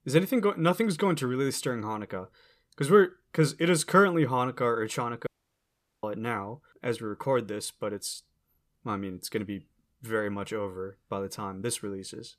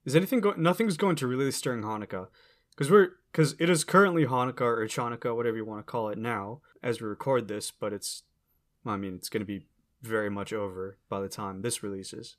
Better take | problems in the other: second | audio cutting out; at 5.5 s for 1 s

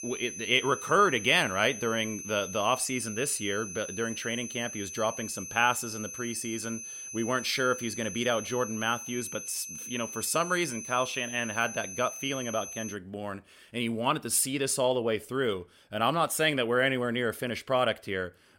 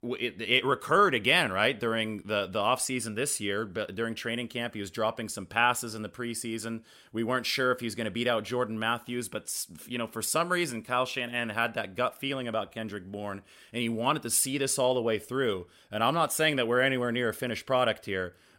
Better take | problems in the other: second | high-pitched whine; loud; until 13 s; 6 kHz, 9 dB below the speech

